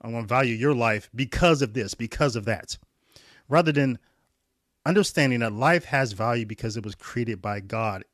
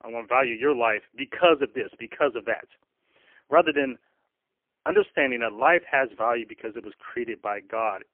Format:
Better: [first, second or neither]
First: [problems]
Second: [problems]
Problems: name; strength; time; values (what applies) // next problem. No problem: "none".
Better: first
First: none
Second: phone-call audio; poor line; nothing above 3 kHz